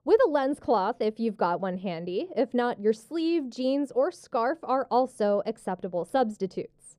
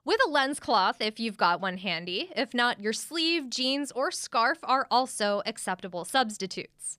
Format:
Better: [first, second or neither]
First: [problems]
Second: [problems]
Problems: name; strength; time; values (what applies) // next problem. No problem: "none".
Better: second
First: muffled; slightly; fading above 1 kHz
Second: none